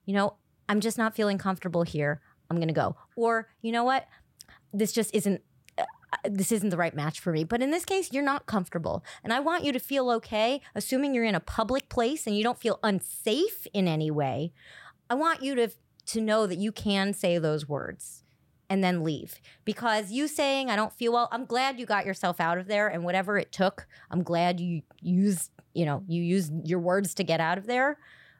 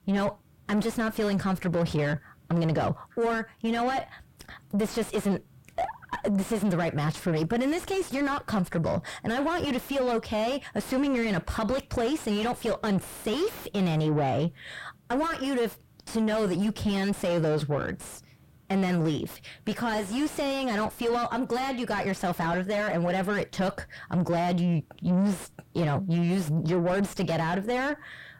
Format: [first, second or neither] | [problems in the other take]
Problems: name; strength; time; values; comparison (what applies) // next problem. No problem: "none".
first | distortion; heavy; 5 dB below the speech